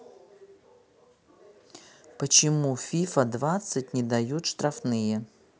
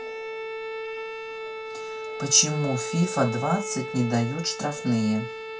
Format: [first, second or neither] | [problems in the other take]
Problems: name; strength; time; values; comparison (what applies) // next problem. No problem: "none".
first | background sound (Bowed string instrument); 7 dB below the speech // room echo; dies away in 0.2 s